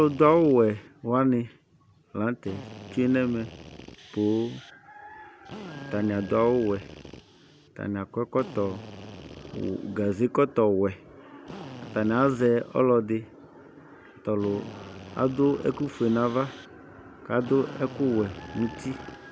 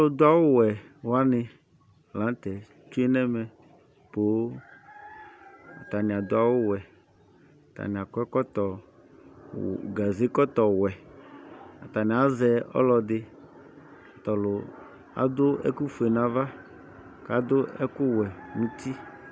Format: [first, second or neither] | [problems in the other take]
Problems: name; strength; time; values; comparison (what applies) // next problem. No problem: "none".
second | background sound (Drill); 18 dB below the speech